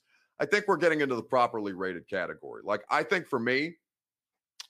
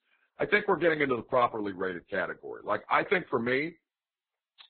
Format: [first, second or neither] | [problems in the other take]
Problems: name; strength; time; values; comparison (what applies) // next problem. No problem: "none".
first | garbled, watery; badly; nothing above 4 kHz